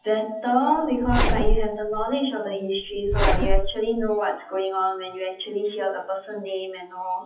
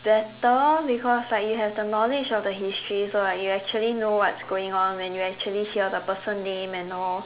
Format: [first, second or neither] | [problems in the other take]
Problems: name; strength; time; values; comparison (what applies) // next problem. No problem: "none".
second | noise reduction (classical method WPE with log-MMSE)